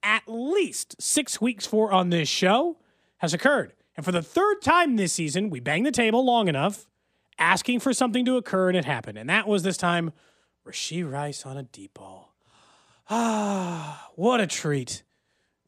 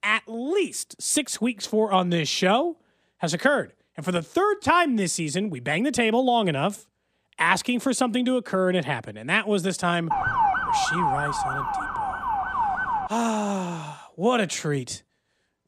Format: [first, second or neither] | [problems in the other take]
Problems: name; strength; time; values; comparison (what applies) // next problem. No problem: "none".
first | siren; loud; from 10 to 13 s; peak 2 dB above the speech